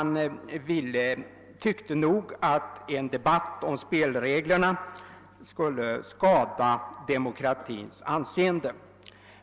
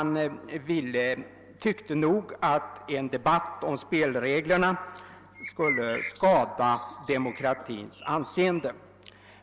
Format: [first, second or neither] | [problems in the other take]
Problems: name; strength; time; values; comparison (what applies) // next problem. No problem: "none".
first | background sound (Bird); 11 dB below the speech